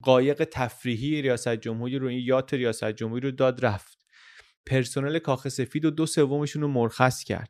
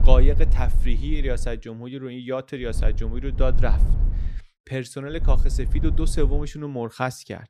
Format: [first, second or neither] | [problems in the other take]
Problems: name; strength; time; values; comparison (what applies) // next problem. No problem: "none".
first | low rumble; noticeable; until 1.5 s, from 2.5 to 4.5 s and from 5 to 6.5 s; 15 dB below the speech